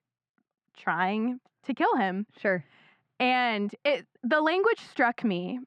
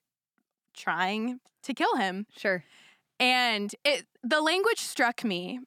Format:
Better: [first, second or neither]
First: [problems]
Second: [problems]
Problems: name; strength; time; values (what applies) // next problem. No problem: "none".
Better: second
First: muffled; slightly; fading above 2 kHz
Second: none